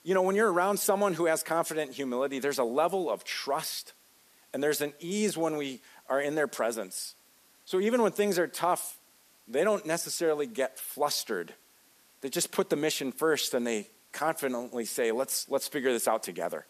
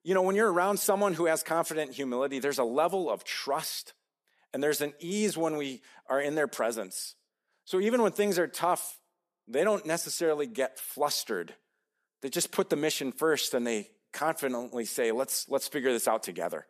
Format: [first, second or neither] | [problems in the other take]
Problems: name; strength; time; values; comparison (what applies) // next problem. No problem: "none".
second | hiss; faint; throughout; 30 dB below the speech